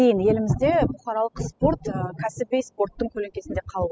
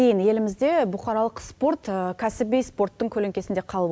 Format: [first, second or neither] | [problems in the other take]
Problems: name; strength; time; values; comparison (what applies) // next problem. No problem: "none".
second | noise reduction (classical method spectral subtraction)